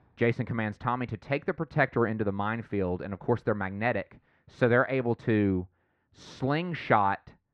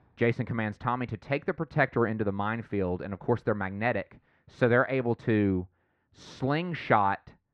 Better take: neither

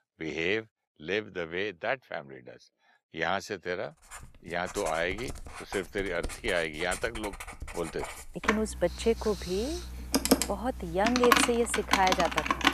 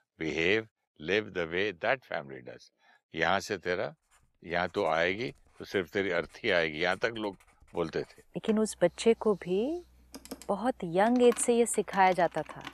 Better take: second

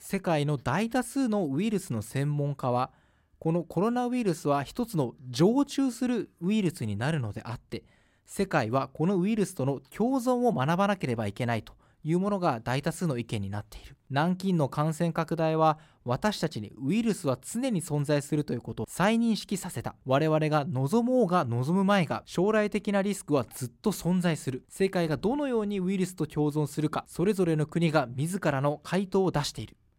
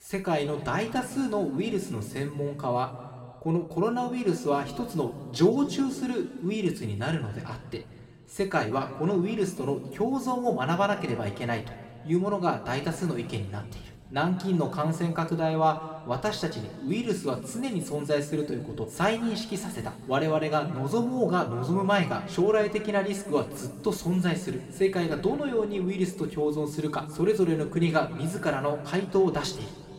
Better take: first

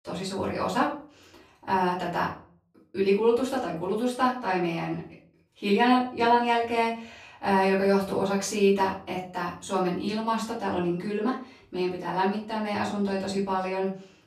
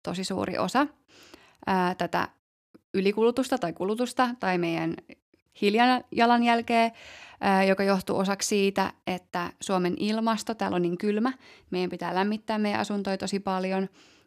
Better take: second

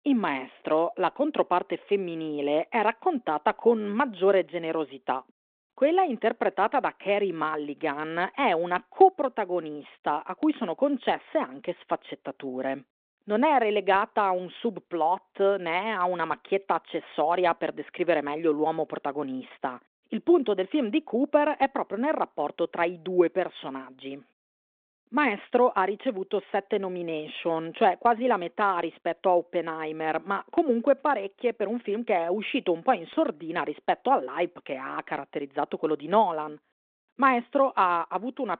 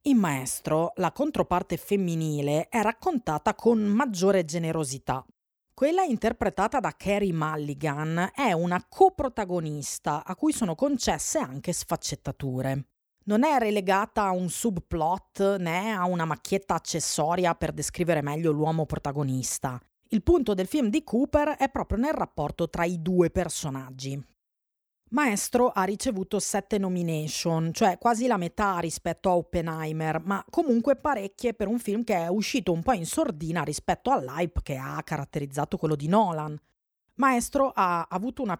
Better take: second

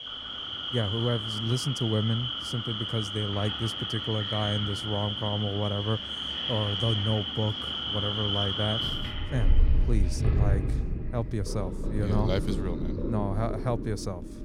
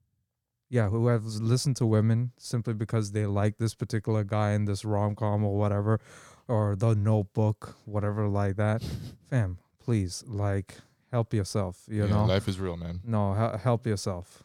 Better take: second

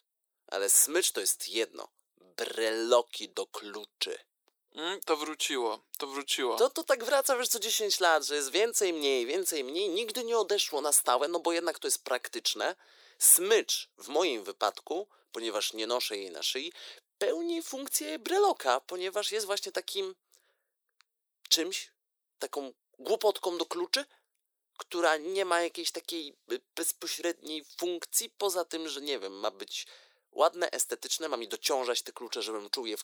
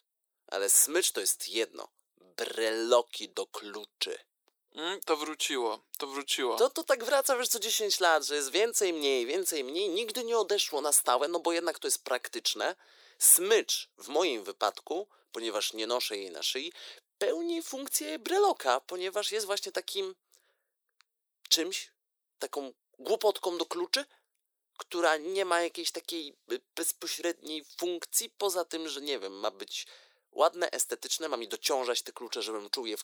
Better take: neither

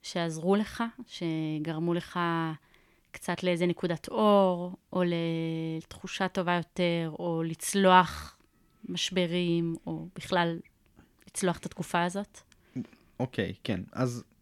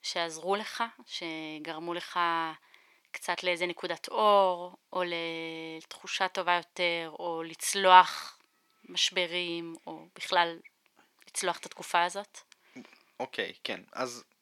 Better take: first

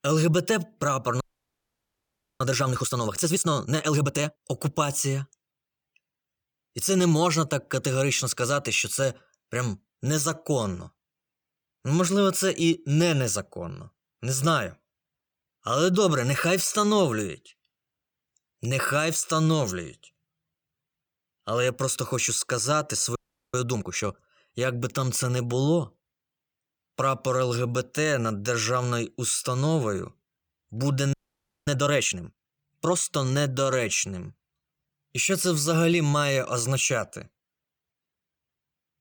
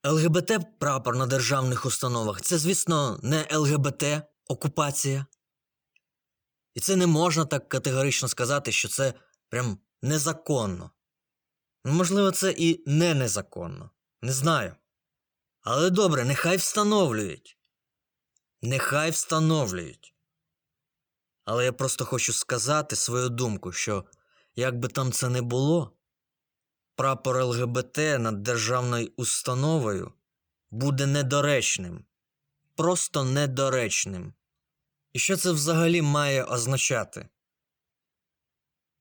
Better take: second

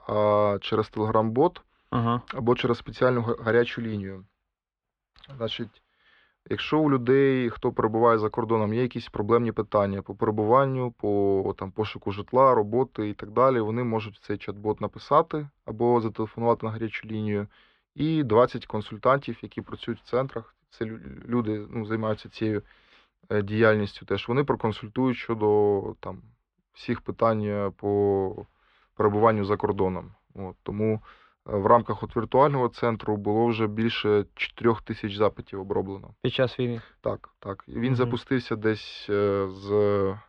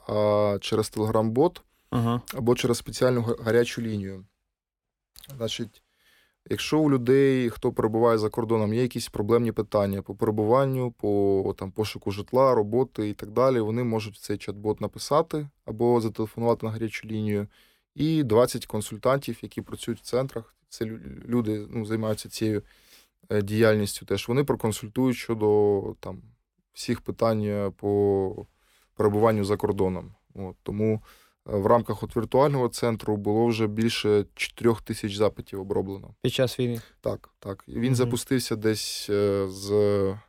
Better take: second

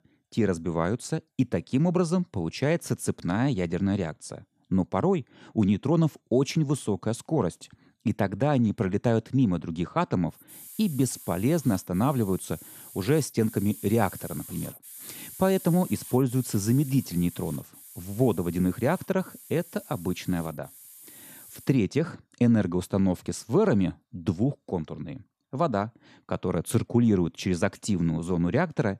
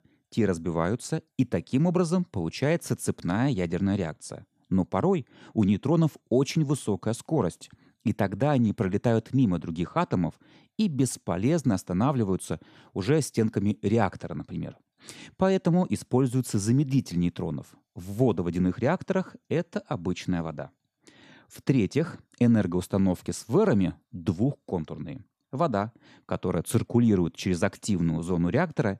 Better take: second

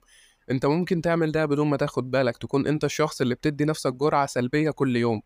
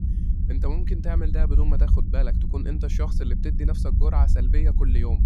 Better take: first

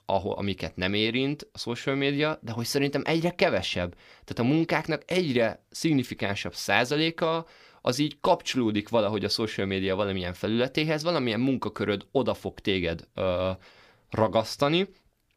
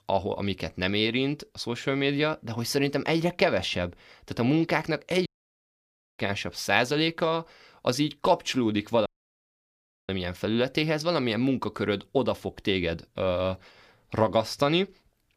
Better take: first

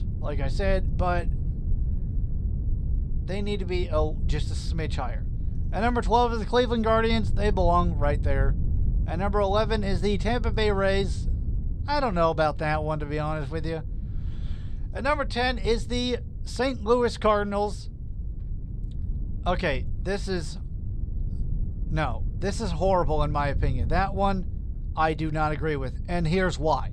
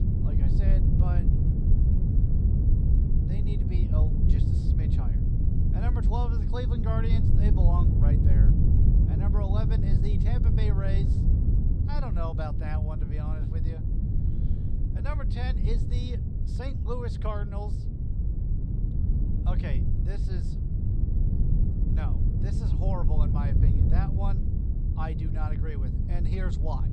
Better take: first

